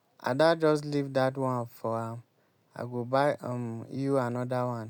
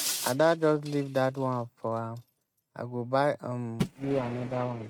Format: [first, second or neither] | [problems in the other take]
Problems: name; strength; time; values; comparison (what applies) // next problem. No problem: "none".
first | noise reduction (neural mask model RNNoise)